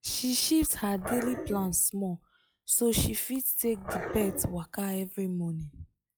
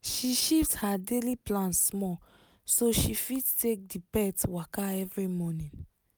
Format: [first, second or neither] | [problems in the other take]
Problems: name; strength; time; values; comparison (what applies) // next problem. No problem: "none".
second | noise reduction (classical method log-MMSE)